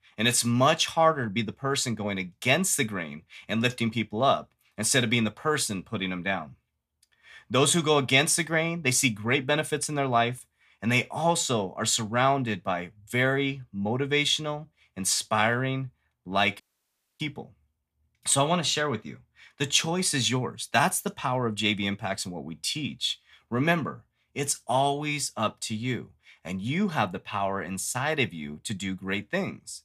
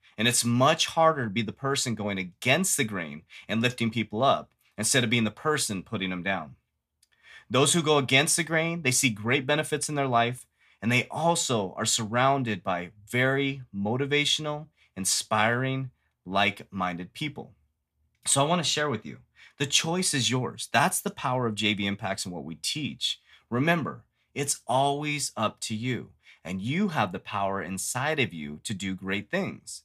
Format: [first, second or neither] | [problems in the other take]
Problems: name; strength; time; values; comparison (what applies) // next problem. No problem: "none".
second | audio cutting out; at 17 s for 0.5 s